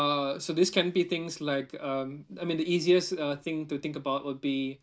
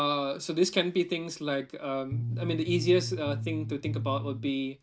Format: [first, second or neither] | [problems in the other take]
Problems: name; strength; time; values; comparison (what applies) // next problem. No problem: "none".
first | background sound (Bass guitar); 4 dB below the speech